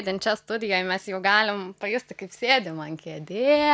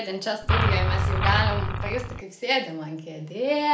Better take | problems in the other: first | background sound (Engine); 4 dB above the speech // room echo; dies away in 0.4 s

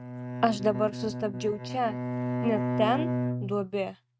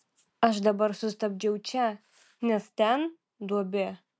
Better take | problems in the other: second | noise reduction (neural mask model RNNoise)

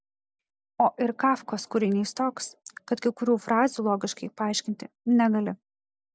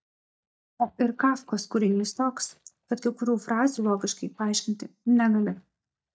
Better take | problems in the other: first | noise reduction (neural mask model DeepFilterNet 3)

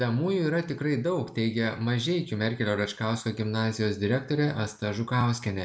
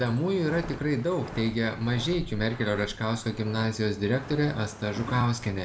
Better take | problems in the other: first | background sound (Walk, footsteps); 13 dB below the speech

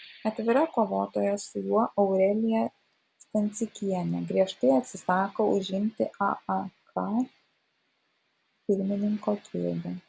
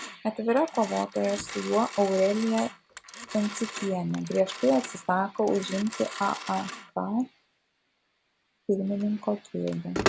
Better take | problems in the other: first | background sound (Telephone); 11 dB below the speech

